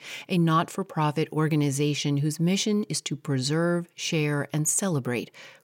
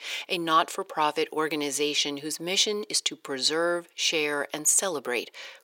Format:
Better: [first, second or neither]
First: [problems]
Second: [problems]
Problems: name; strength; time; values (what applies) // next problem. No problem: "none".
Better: first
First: none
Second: thin; very; fading below 400 Hz